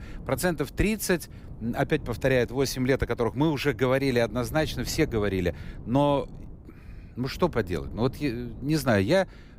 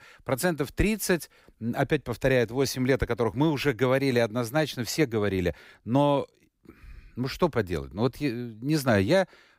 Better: second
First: wind noise on the microphone; occasional gusts; 25 dB below the speech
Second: none

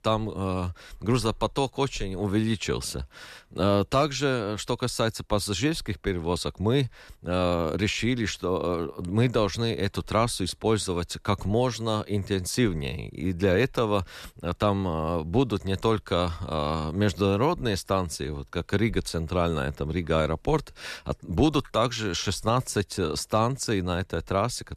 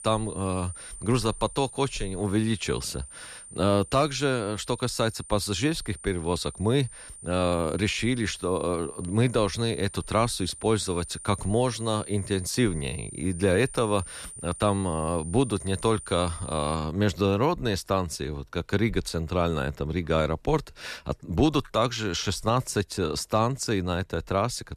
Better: first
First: none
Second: high-pitched whine; noticeable; until 17 s; 9 kHz, 15 dB below the speech

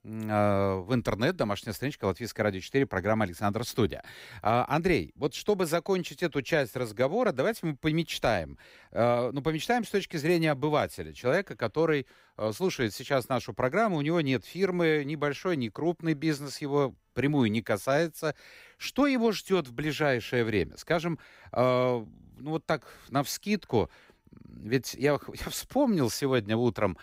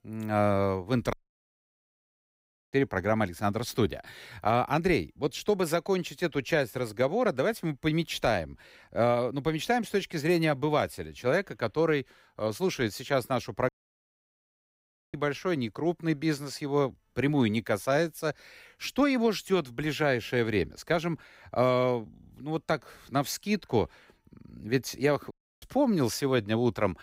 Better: first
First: none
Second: audio cutting out; at 1 s for 1.5 s, at 14 s for 1.5 s and at 25 s

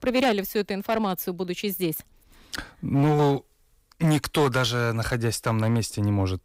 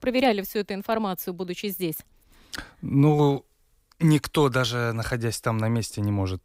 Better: second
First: distortion; slight; 6% of the sound clipped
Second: none

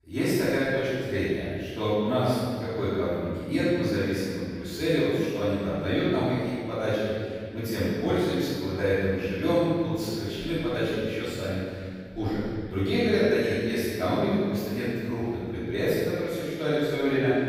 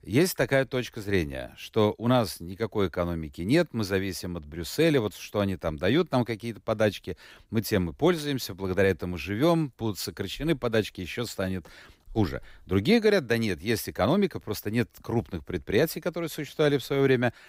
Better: second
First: off-mic speech; far // room echo; strong; dies away in 1.9 s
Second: none

